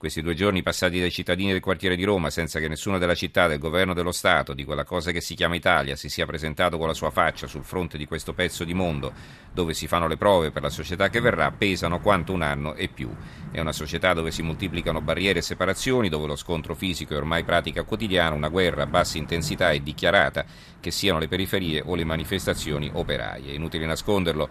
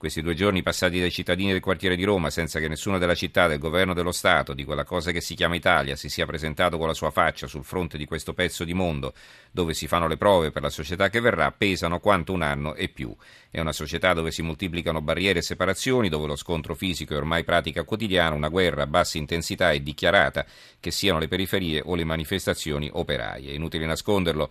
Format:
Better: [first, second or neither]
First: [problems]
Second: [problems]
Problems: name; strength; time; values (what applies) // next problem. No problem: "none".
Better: second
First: wind noise on the microphone; occasional gusts; from 7 s on; 25 dB below the speech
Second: none